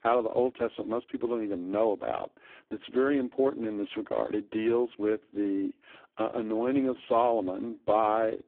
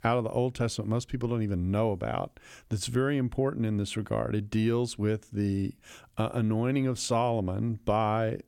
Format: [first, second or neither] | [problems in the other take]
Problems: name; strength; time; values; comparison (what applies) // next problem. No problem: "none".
second | phone-call audio; poor line